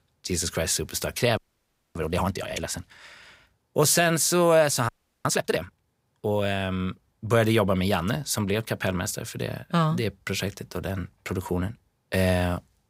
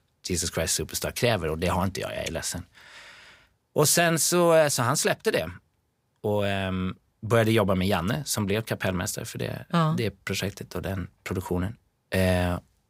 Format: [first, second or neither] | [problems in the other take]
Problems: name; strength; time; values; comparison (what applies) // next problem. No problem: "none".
second | audio freezing; at 1.5 s for 0.5 s and at 5 s